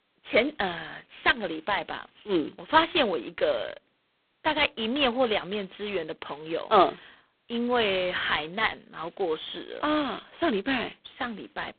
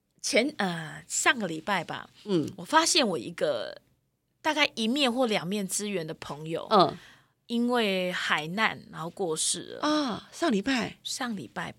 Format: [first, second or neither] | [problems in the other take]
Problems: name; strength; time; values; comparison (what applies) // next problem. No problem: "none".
second | phone-call audio; poor line; nothing above 3.5 kHz